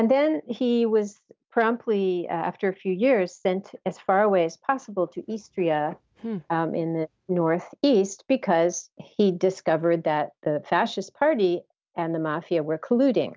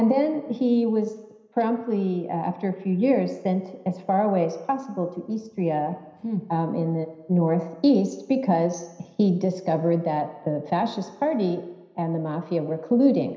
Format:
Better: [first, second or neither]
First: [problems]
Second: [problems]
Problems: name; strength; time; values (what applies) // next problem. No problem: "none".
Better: first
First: none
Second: room echo; dies away in 0.9 s